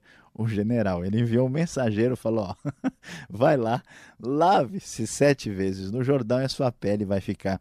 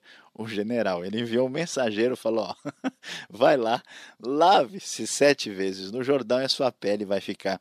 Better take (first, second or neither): first